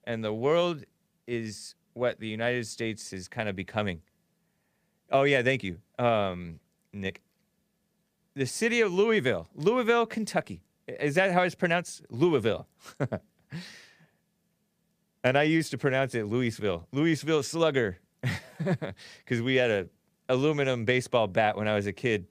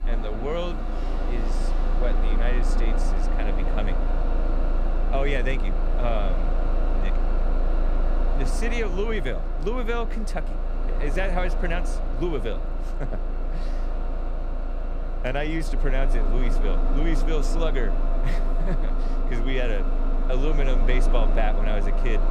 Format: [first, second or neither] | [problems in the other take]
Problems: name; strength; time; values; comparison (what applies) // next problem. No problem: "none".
first | traffic noise; very loud; throughout; 4 dB above the speech